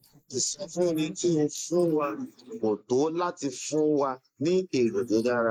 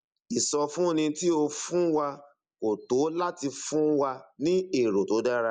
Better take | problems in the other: second | noise reduction (neural mask model Resemble Enhance denoiser)

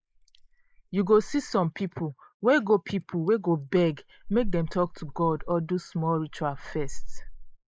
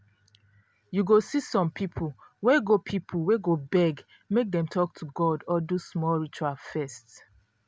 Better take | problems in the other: second | noise reduction (neural mask model Resemble Enhance denoiser)

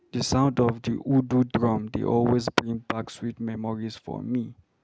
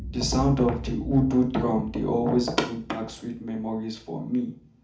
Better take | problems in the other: first | background sound (Boom); 12 dB below the speech // room echo; dies away in 0.4 s

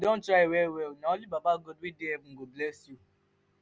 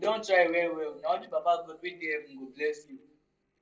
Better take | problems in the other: first | noise reduction (neural separator model SepFormer DNS4)

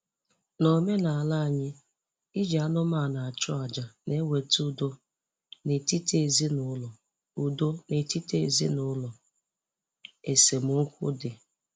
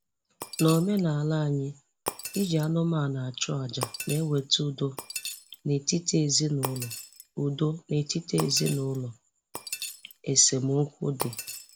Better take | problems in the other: first | background sound (Shatter); 12 dB below the speech

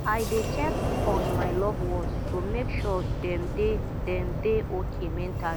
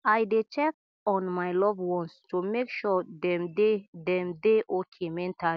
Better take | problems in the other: second | background sound (Sliding door); 2 dB above the speech

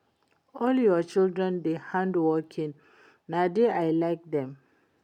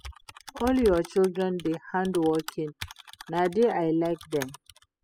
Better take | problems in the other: first | noise reduction (classical method spectral subtraction)

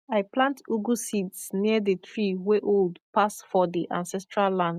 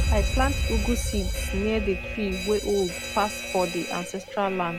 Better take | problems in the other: first | background sound (Alarm); 1 dB below the speech

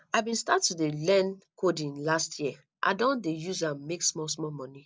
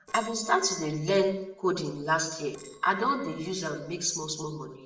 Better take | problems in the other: first | noise reduction (neural separator model SepFormer DNS4)

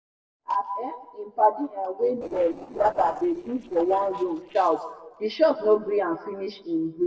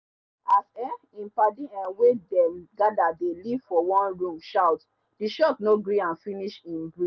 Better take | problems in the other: second | noise reduction (neural separator model SepFormer DNS4)

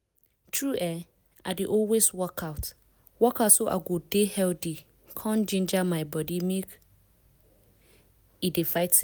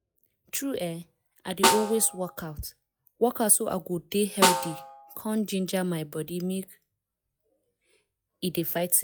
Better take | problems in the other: first | noise reduction (classical method log-MMSE)

